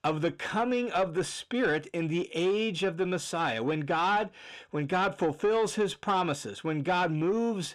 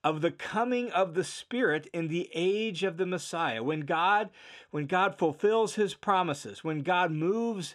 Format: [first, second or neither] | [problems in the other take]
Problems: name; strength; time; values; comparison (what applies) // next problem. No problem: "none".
second | distortion; slight; 10 dB below the speech